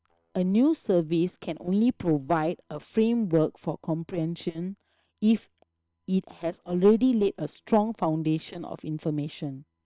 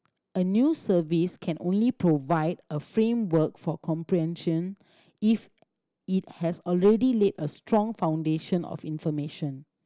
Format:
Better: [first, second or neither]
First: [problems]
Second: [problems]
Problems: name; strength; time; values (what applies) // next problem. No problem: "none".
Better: second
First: noise reduction (neural separator model SepFormer WHAM!)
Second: none